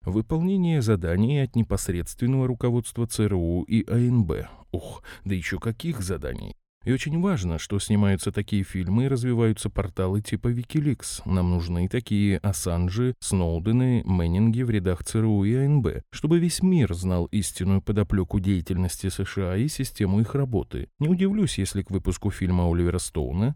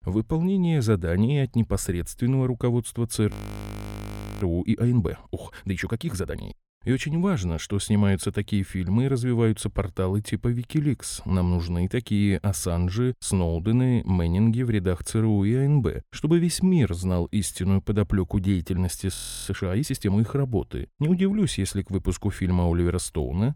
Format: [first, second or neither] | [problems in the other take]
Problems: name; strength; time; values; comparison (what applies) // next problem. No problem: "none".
first | audio freezing; at 3.5 s for 1 s and at 19 s